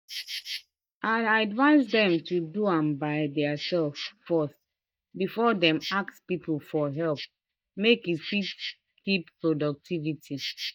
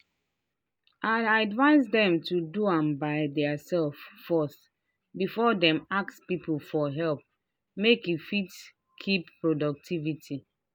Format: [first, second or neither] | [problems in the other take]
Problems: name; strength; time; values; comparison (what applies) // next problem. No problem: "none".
second | noise reduction (neural mask model DeepFilterNet 3)